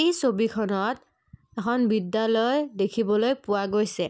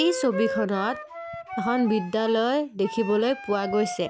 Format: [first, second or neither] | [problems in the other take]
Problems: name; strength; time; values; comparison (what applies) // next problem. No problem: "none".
first | background sound (Wind instrument, woodwind instrument); 9 dB below the speech